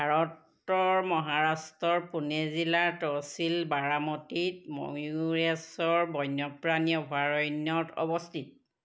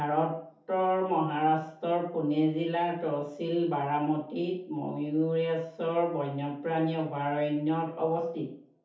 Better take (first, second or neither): first